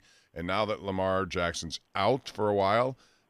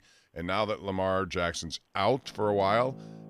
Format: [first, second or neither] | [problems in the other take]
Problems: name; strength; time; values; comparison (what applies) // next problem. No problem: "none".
first | background music; noticeable; at 2.5 s; 20 dB below the speech